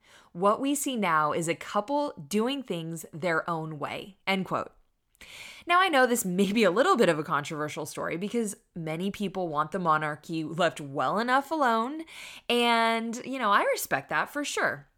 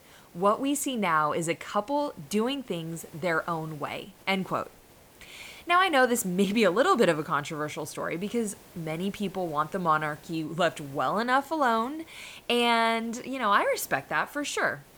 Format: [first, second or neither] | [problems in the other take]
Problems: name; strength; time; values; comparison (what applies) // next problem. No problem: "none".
first | hiss; faint; throughout; 25 dB below the speech